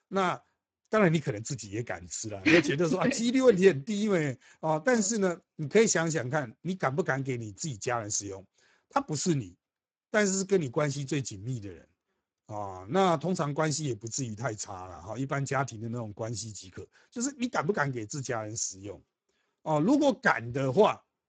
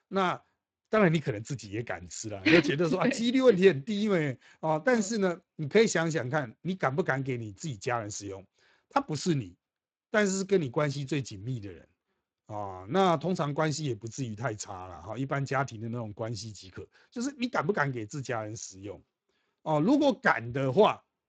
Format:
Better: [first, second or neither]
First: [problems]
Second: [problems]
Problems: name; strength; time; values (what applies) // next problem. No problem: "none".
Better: second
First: garbled, watery; badly; nothing above 7.5 kHz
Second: garbled, watery; slightly; nothing above 7.5 kHz